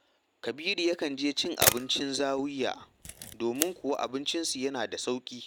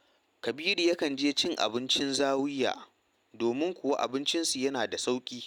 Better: second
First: background sound (Camera); 2 dB below the speech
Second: none

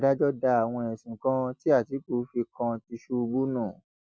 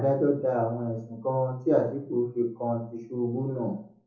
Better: first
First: none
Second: room echo; dies away in 1 s

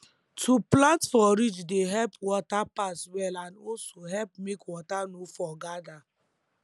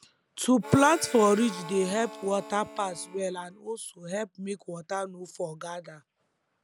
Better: first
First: none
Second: background sound (Harmonica); 14 dB below the speech

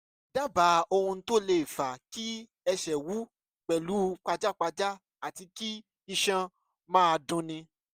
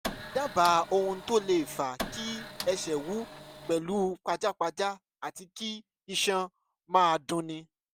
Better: first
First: none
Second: background sound (Printer); 11 dB below the speech

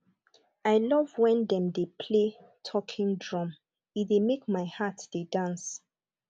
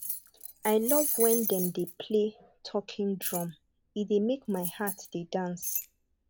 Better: first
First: none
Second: background sound (Keys jangling); 5 dB below the speech

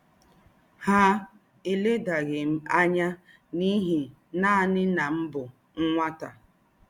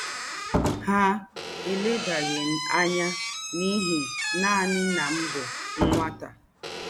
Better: first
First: none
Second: background sound (Squeak / Slam); 2 dB below the speech

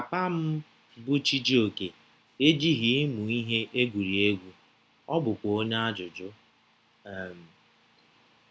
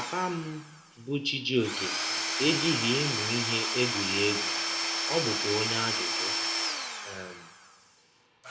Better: first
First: none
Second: background sound (Tools / Domestic sounds, home sounds); as loud as the speech // room echo; dies away in 0.5 s

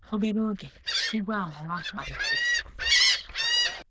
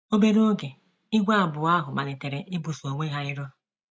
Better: second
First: noise reduction (neural diffusion model UNIVERSE++)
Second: none

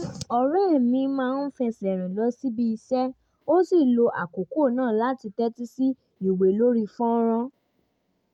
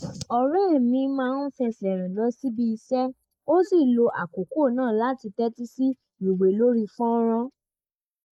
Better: first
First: none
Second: noise reduction (neural mask model Resemble Enhance denoiser)

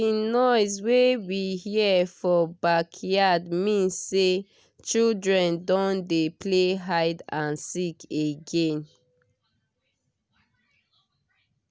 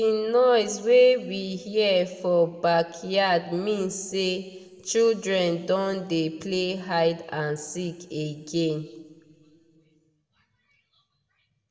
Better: first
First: none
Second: room echo; dies away in 1.1 s

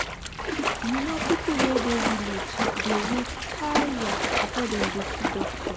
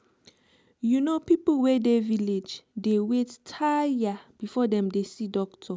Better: second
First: background sound (Splash, splatter); 3 dB above the speech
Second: none

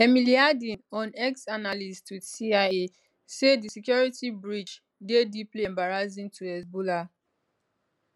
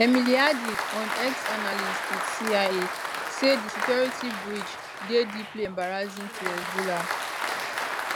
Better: first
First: none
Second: background sound (Applause); 3 dB below the speech

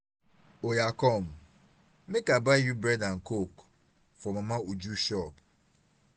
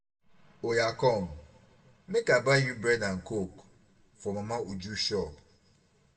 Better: first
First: none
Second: room echo; dies away in 0.6 s

